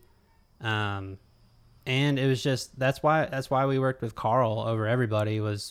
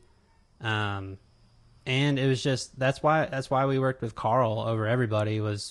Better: first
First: none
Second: garbled, watery; slightly; nothing above 10 kHz

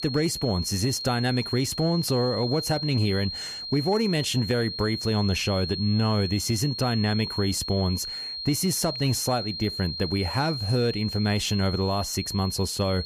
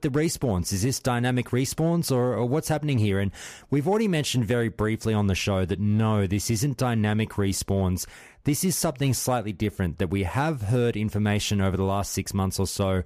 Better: second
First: high-pitched whine; loud; throughout; 4 kHz, 6 dB below the speech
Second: none

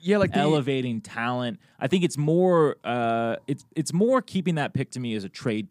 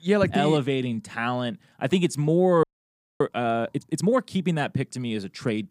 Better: first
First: none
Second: audio freezing; at 2.5 s for 0.5 s

